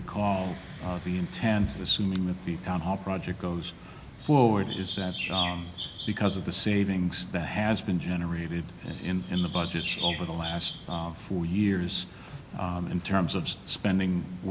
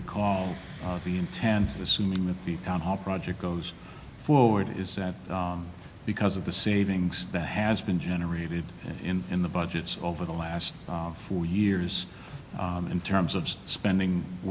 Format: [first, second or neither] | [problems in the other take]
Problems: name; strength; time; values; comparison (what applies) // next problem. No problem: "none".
second | background sound (Chirp, tweet); 8 dB below the speech